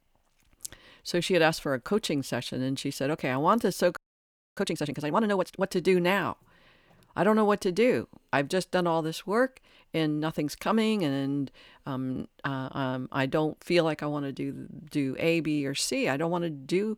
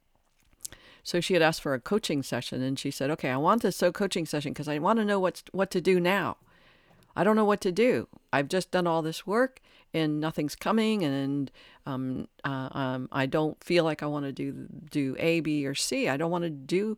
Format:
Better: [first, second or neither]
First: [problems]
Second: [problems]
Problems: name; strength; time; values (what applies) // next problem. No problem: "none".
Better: second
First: audio freezing; at 4 s for 0.5 s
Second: none